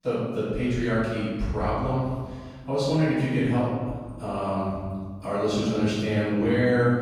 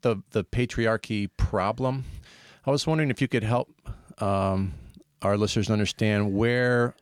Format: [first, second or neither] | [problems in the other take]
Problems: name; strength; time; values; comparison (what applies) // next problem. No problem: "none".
second | off-mic speech; far // room echo; strong; dies away in 1.5 s